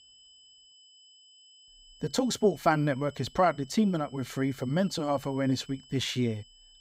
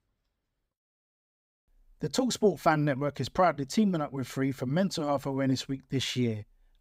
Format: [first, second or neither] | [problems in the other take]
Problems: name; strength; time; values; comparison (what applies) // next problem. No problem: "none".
second | high-pitched whine; faint; throughout; 3 kHz, 25 dB below the speech